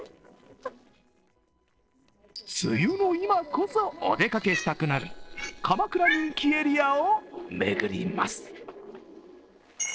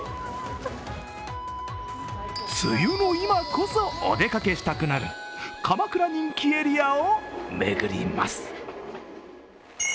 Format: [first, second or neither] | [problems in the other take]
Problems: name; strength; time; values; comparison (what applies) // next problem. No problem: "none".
second | noise reduction (neural separator model SepFormer DNS4)